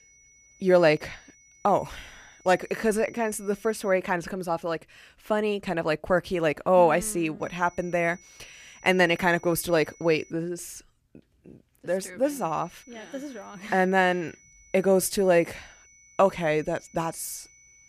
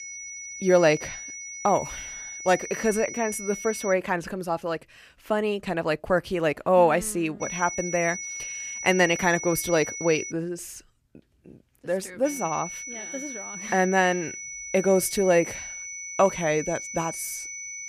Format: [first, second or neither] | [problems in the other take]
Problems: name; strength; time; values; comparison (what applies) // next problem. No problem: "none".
first | high-pitched whine; loud; until 4 s, from 7.5 to 10 s and from 12 s on; 6 kHz, 9 dB below the speech; faint in the first